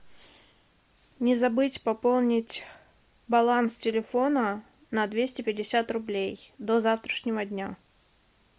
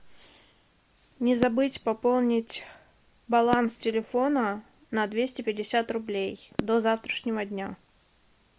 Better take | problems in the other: first | background sound (Fireworks); 13 dB below the speech

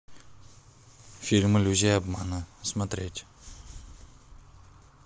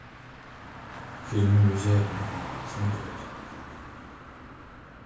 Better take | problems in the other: first | background sound (Car); 11 dB below the speech // room echo; dies away in 0.5 s

